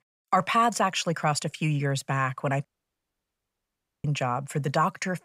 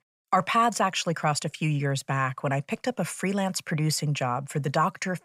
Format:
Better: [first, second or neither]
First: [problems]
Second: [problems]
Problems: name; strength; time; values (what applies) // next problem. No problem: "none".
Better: second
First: audio cutting out; at 2.5 s for 1.5 s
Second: none